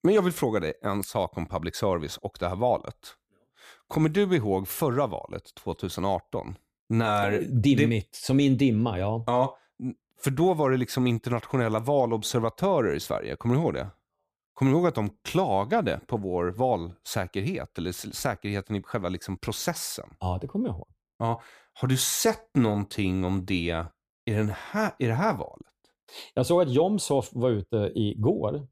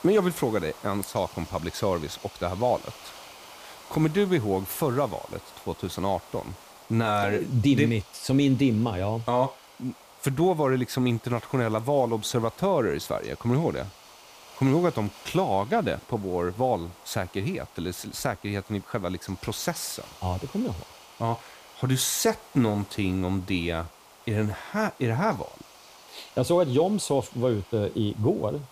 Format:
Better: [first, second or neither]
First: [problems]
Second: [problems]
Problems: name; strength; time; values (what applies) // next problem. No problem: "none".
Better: first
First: none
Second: hiss; faint; throughout; 20 dB below the speech